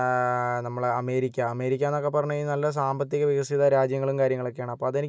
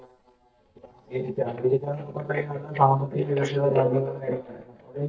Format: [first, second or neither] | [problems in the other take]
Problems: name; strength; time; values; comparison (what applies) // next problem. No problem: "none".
first | noise reduction (neural mask model DeepFilterNet 3)